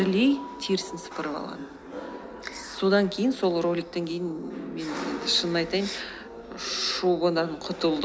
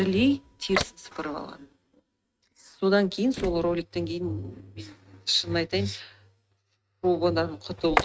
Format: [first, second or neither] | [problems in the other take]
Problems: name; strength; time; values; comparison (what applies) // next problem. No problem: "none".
first | noise reduction (neural mask model RNNoise)